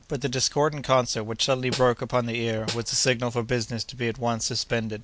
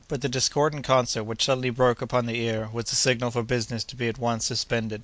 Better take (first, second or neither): second